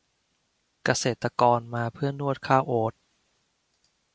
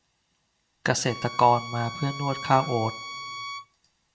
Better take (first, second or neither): first